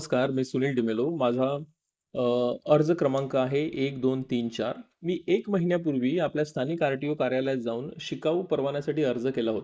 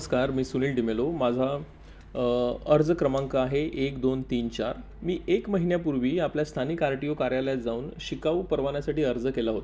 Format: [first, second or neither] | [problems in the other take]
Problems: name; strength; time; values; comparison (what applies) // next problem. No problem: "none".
second | noise reduction (neural mask model Resemble Enhance denoiser)